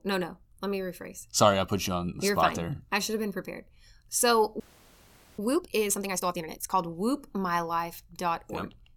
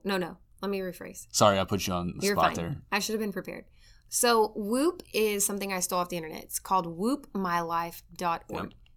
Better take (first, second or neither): second